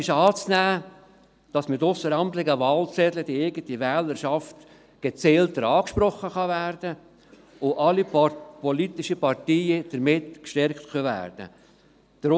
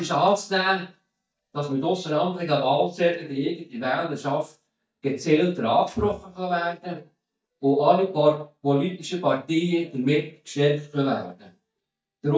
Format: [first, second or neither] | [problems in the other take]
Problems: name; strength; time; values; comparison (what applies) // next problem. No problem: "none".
first | noise reduction (neural mask model DeepFilterNet 3)